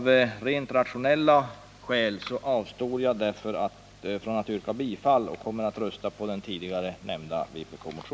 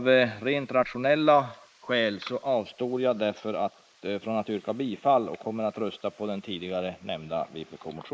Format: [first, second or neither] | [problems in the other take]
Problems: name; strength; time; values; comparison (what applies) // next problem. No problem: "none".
first | noise reduction (neural mask model Resemble Enhance denoiser)